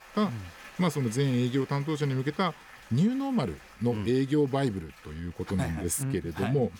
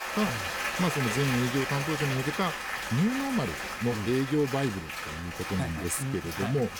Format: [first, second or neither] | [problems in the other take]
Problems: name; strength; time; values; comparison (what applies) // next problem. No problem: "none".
first | crowd noise; loud; throughout; 3 dB below the speech; faint in the first